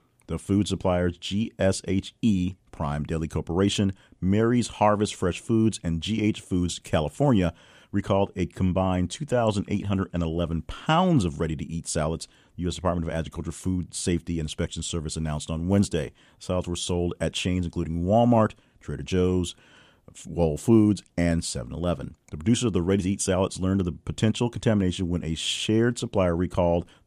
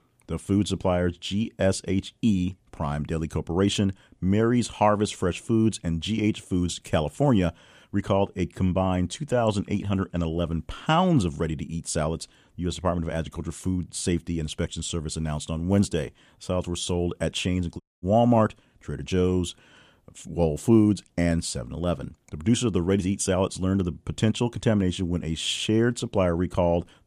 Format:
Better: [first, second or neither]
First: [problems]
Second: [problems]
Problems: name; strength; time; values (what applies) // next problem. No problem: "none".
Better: first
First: none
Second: audio cutting out; at 18 s